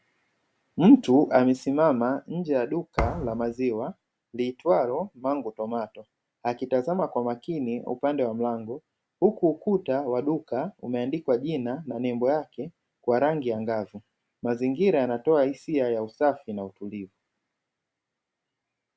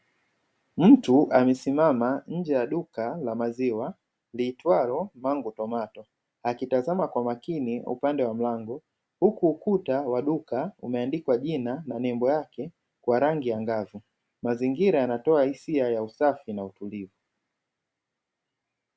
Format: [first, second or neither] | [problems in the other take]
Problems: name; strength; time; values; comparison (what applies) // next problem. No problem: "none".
second | background sound (Thump, thud); 7 dB below the speech